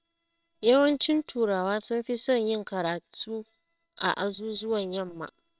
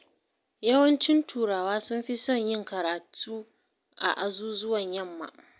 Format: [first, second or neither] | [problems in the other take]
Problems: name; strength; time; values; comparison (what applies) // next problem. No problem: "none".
second | noise reduction (neural separator model SepFormer WHAMR!)